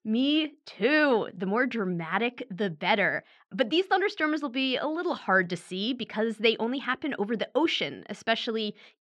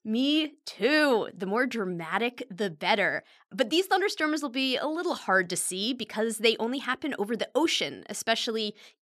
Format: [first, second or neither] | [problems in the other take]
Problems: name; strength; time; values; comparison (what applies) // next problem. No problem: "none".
second | muffled; slightly; fading above 3 kHz